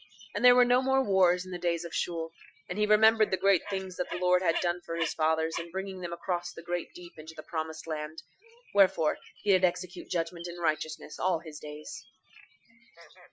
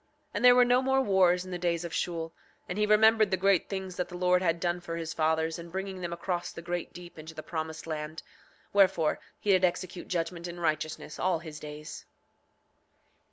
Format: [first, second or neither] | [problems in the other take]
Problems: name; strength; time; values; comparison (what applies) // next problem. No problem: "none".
second | noise reduction (classical method Wiener filter)